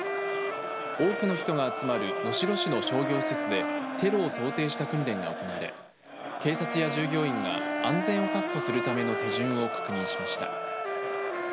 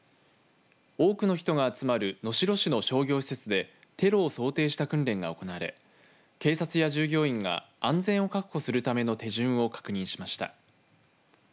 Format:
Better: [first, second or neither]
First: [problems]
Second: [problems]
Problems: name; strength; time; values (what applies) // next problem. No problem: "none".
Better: second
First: background sound (Crowd + Wind instrument, woodwind instrument); 1 dB below the speech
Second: none